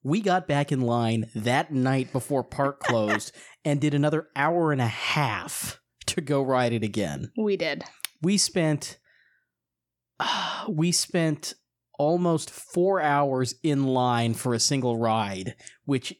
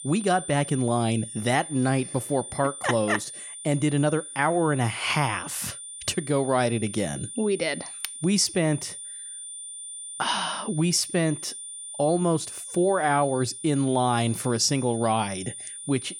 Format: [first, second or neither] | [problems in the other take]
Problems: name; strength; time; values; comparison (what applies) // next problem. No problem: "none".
first | high-pitched whine; noticeable; throughout; 9 kHz, 10 dB below the speech